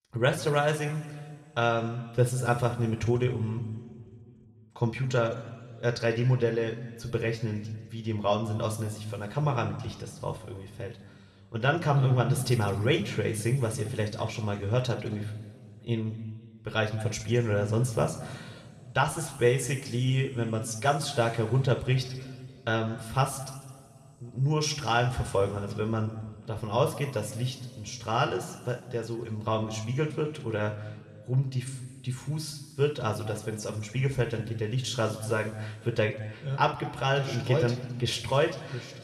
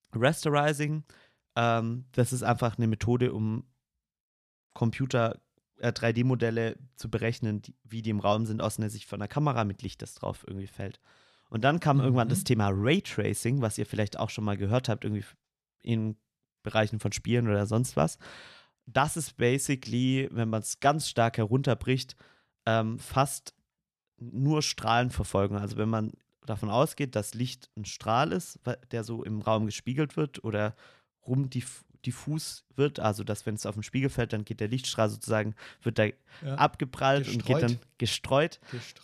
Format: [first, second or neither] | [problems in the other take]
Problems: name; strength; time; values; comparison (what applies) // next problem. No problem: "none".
second | room echo; noticeable; dies away in 2 s